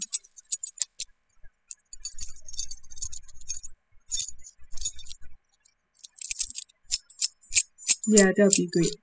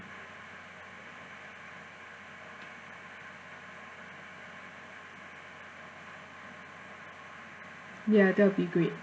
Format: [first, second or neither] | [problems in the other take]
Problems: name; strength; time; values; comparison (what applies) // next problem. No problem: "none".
second | noise reduction (classical method spectral subtraction)